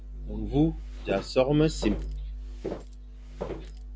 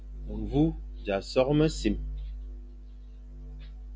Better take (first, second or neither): second